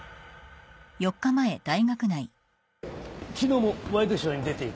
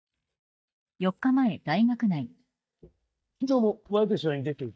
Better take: first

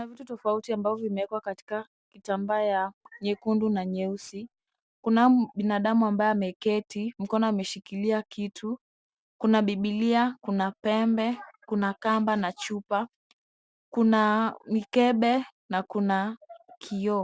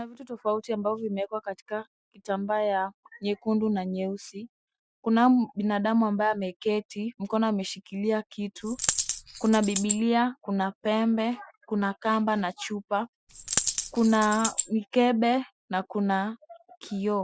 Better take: first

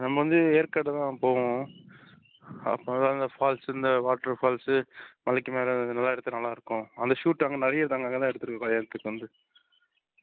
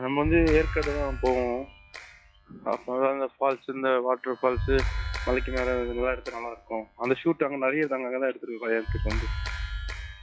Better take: first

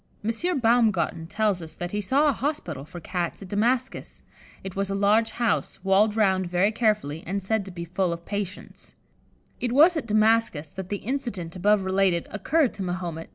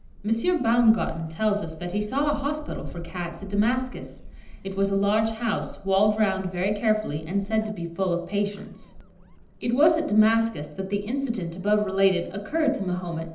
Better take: first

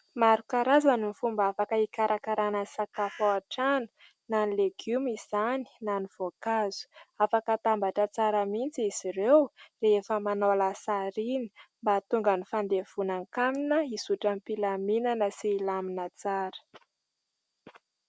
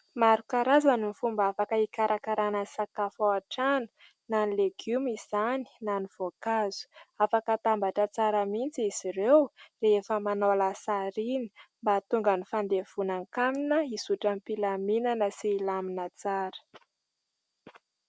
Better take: second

